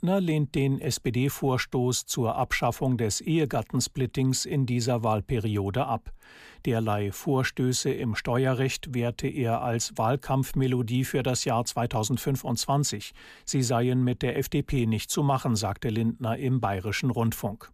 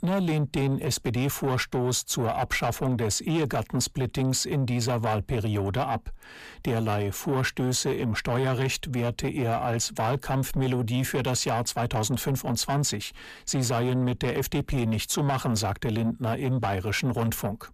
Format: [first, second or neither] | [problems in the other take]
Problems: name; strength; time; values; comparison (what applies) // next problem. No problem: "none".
first | distortion; slight; 10 dB below the speech